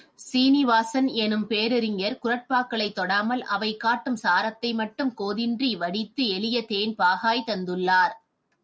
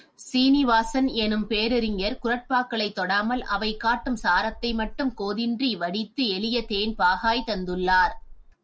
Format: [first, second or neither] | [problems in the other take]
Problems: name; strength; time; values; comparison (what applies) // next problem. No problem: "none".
first | background sound (Meow); 13 dB below the speech